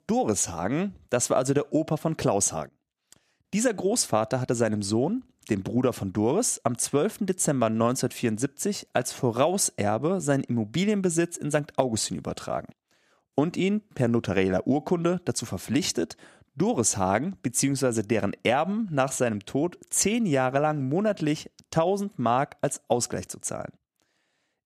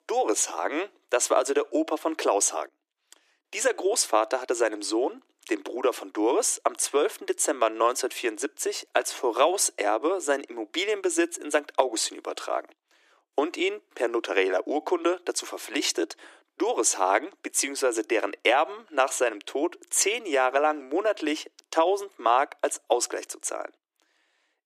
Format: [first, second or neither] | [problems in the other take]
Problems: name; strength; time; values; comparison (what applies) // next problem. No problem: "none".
first | thin; very; fading below 300 Hz